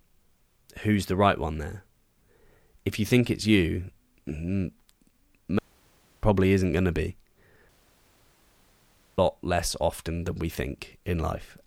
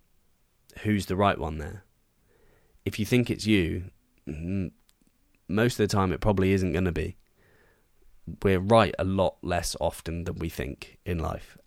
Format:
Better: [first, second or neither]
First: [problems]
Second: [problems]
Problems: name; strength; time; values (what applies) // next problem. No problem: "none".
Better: second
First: audio cutting out; at 5.5 s for 0.5 s and at 7.5 s for 1.5 s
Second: none